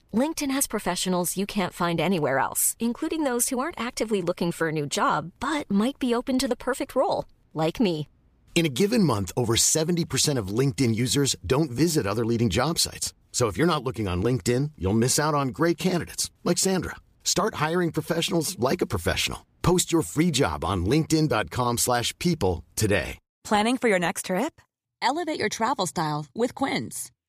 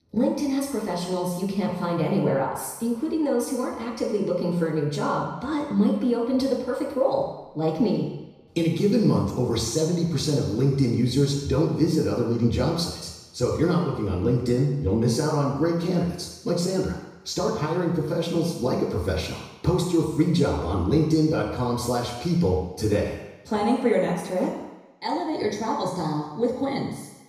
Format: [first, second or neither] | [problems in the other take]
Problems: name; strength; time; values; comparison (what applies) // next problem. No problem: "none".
first | room echo; noticeable; dies away in 1 s // off-mic speech; far